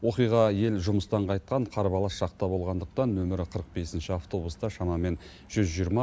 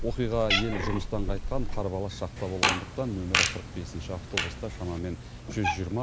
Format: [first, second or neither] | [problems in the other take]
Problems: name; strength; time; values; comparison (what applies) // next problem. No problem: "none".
first | background sound (Fart + Cat); 1 dB above the speech